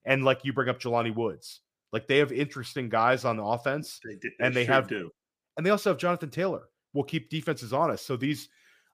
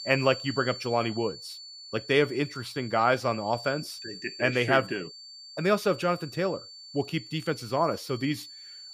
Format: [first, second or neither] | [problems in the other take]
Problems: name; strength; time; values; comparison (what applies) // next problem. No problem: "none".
first | high-pitched whine; noticeable; throughout; 4.5 kHz, 15 dB below the speech